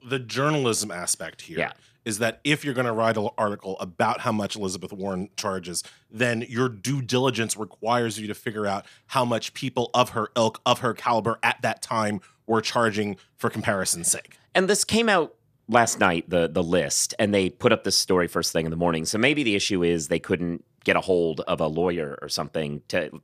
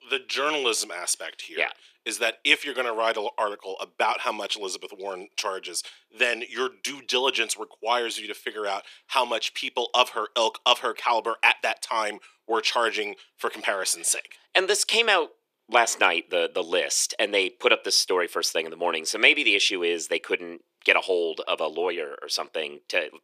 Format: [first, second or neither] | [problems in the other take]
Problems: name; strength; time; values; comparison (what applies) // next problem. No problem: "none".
first | thin; very; fading below 350 Hz